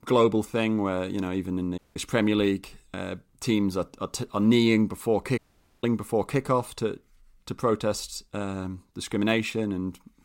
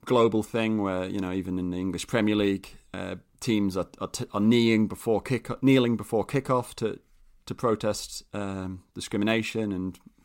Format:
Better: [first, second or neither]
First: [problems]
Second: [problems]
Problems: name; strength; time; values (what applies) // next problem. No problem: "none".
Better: second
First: audio cutting out; at 2 s and at 5.5 s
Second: none